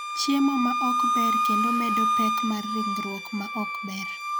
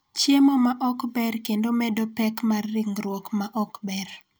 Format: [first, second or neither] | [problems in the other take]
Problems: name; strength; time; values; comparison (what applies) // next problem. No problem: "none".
second | background sound (Wind instrument, woodwind instrument); 2 dB above the speech